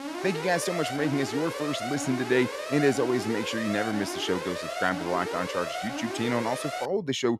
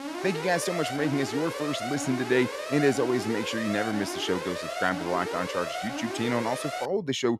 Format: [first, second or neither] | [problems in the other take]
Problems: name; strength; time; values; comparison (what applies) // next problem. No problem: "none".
neither | alarm; noticeable; until 7 s; peak 5 dB below the speech; the same in both